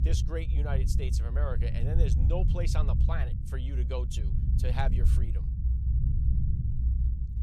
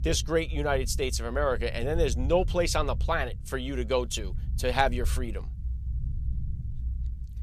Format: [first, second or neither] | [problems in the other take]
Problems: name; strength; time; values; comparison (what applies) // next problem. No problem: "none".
second | low rumble; loud; throughout; 6 dB below the speech; faint in the second